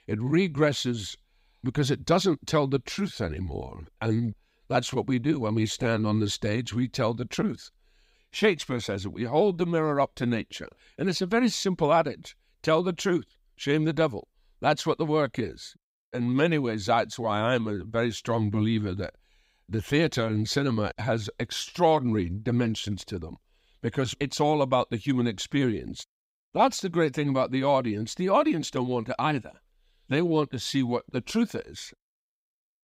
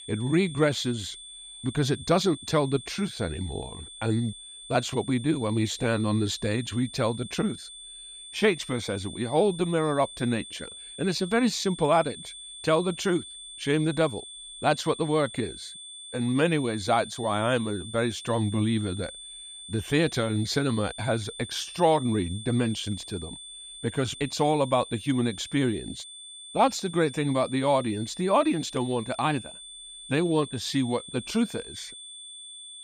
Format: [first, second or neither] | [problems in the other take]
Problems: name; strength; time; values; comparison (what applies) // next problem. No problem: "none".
first | high-pitched whine; noticeable; throughout; 3.5 kHz, 15 dB below the speech